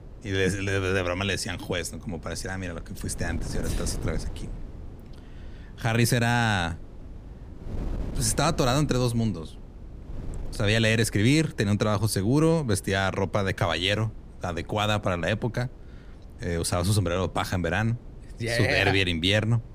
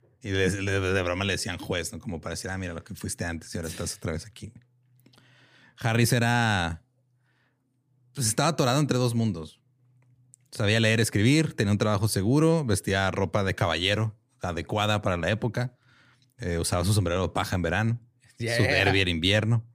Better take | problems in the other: second | wind noise on the microphone; occasional gusts; 25 dB below the speech

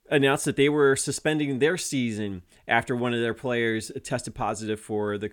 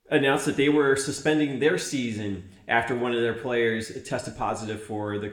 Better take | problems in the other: first | room echo; very slight; dies away in 0.7 s

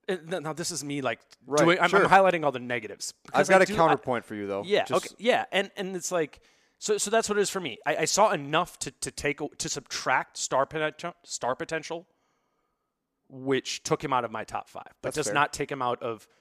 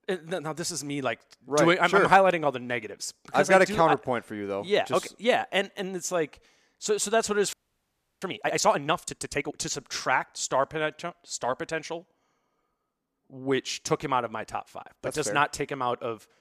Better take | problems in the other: first | audio freezing; at 7.5 s for 0.5 s

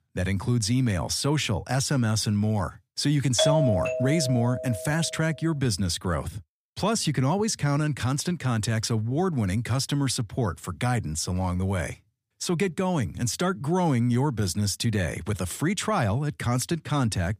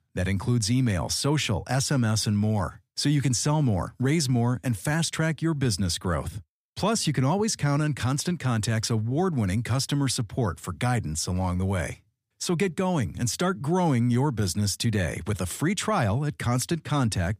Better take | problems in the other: second | doorbell; loud; from 3.5 to 5 s; peak 2 dB above the speech

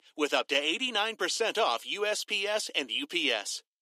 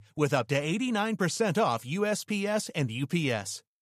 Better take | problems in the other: second | thin; somewhat; fading below 300 Hz

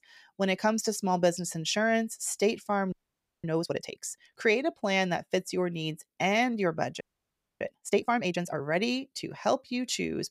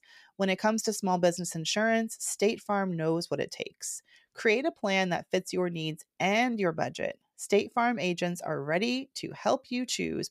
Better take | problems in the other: second | audio freezing; at 3 s for 0.5 s and at 7 s for 0.5 s

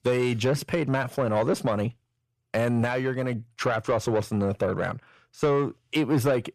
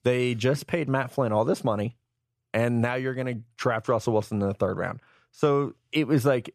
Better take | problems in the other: second | distortion; slight; 10 dB below the speech

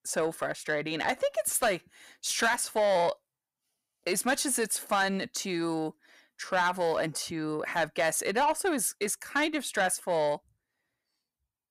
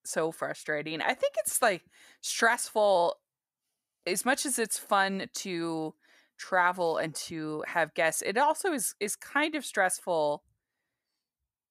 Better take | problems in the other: second | distortion; slight; 10 dB below the speech

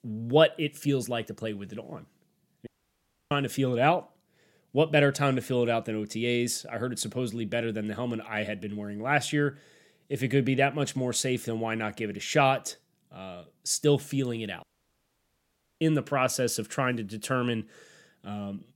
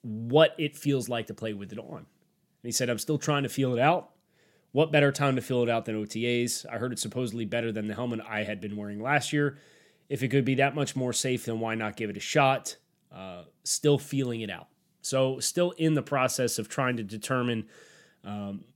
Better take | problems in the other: second | audio cutting out; at 2.5 s for 0.5 s and at 15 s for 1 s

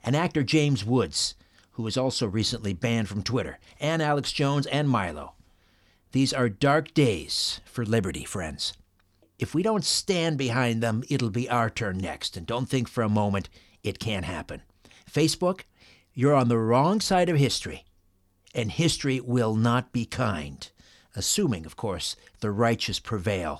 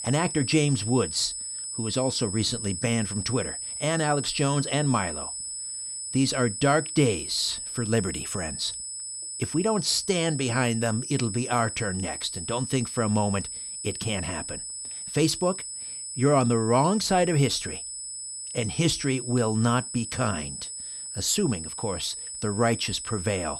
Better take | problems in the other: first | high-pitched whine; loud; throughout; 8 kHz, 6 dB below the speech

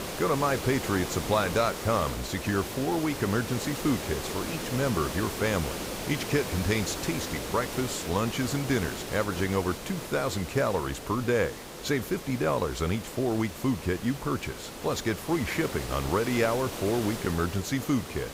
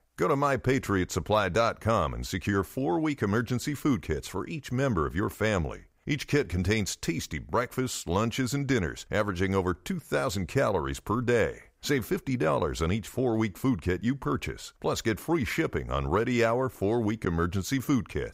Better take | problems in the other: second | hiss; loud; throughout; 7 dB below the speech

